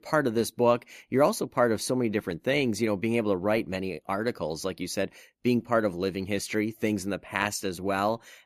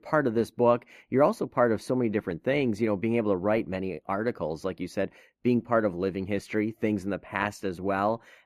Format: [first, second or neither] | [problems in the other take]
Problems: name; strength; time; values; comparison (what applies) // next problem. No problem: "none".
first | muffled; slightly; fading above 3 kHz